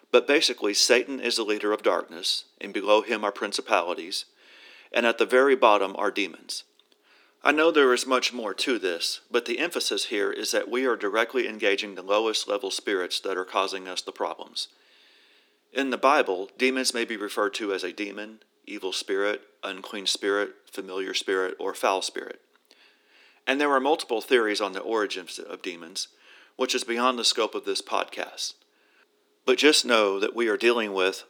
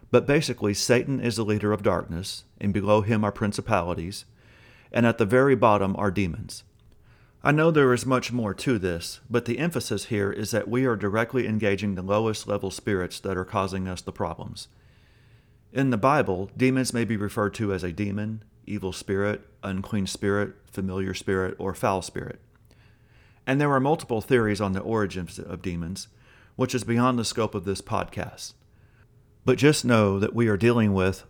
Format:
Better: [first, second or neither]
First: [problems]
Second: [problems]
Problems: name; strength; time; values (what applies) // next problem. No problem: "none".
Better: second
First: thin; somewhat; fading below 300 Hz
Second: none